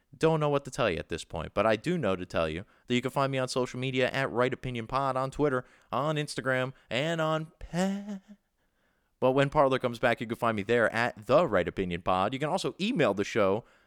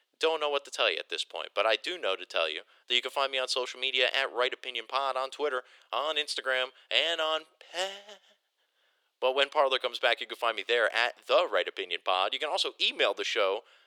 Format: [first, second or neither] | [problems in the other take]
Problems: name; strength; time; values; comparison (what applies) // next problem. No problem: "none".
first | thin; very; fading below 400 Hz